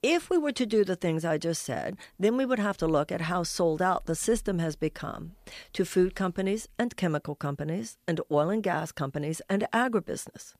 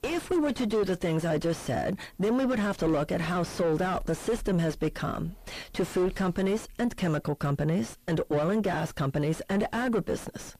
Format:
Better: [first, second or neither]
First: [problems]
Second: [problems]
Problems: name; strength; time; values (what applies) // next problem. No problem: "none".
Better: first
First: none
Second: distortion; heavy; 3 dB below the speech